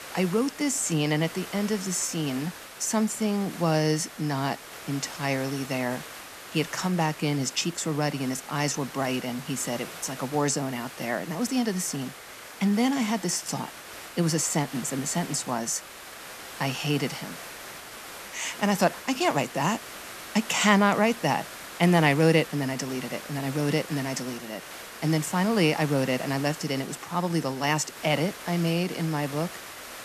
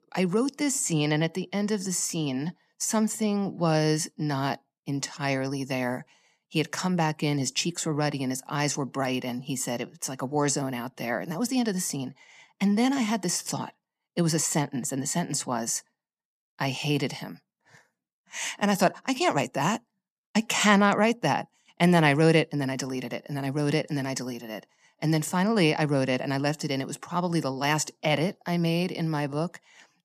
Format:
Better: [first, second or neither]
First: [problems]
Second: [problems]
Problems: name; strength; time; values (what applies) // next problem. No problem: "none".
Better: second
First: hiss; noticeable; throughout; 15 dB below the speech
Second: none